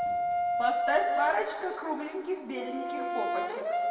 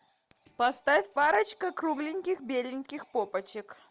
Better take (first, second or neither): second